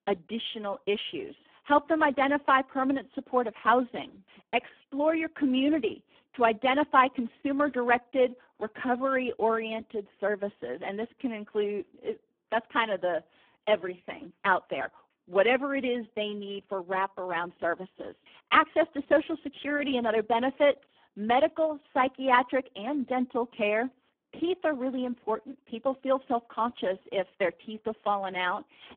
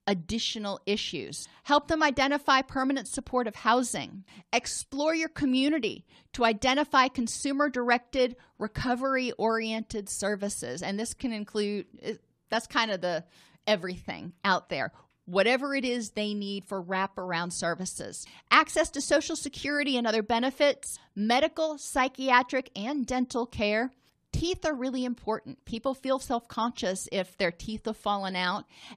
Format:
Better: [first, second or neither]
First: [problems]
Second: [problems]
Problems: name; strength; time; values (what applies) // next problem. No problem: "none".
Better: second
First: phone-call audio; poor line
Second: none